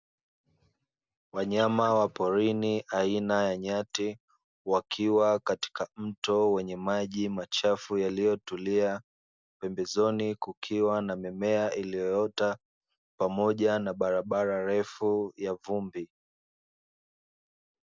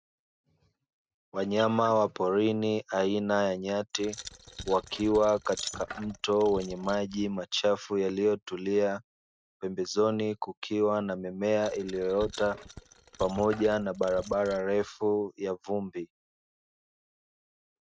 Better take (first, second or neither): first